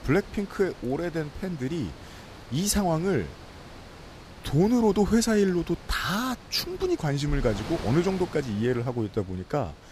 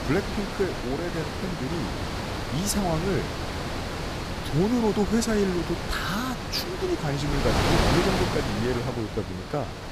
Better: first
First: wind noise on the microphone; occasional gusts; 15 dB below the speech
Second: wind noise on the microphone; heavy; as loud as the speech

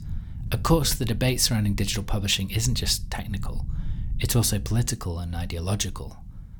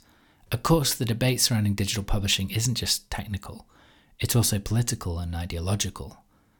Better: second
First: low rumble; faint; throughout; 25 dB below the speech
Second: none

